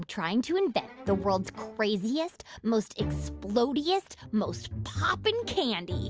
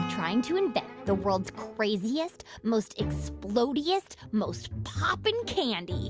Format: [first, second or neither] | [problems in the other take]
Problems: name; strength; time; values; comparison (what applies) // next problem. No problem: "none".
first | background sound (Acoustic guitar / Strum); 15 dB below the speech